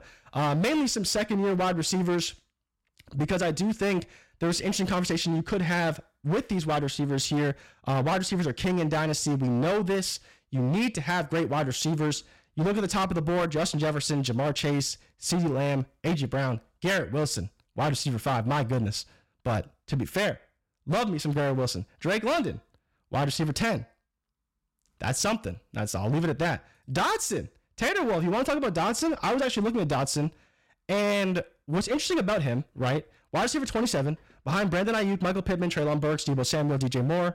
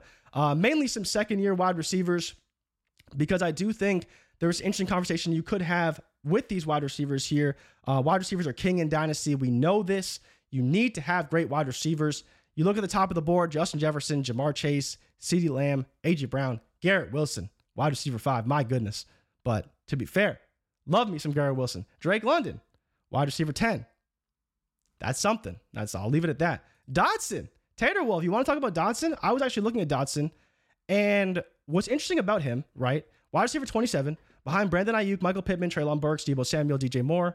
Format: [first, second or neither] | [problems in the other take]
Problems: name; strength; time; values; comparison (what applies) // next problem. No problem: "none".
second | distortion; heavy; 18% of the sound clipped